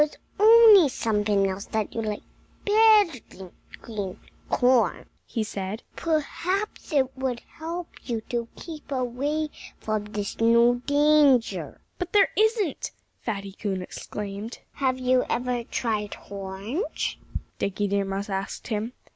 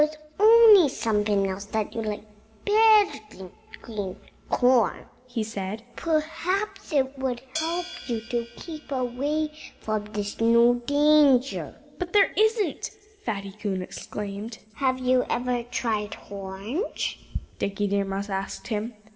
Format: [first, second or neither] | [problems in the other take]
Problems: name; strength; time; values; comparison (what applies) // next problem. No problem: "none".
first | background sound (Hi-hat); 15 dB below the speech // room echo; dies away in 2.2 s